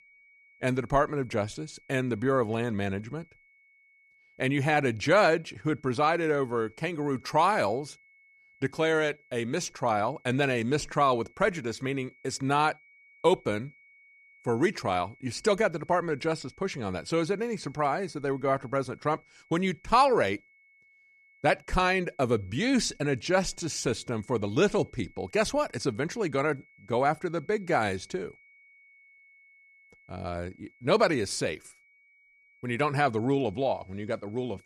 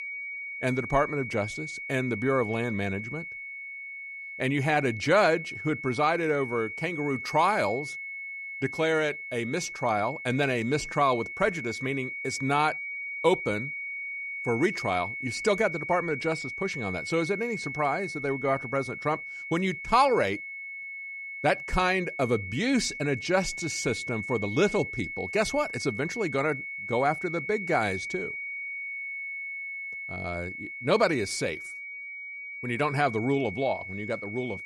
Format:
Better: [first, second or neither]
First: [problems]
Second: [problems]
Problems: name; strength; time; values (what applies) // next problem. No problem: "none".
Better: first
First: high-pitched whine; faint; throughout; 2 kHz, 30 dB below the speech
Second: high-pitched whine; loud; throughout; 2 kHz, 7 dB below the speech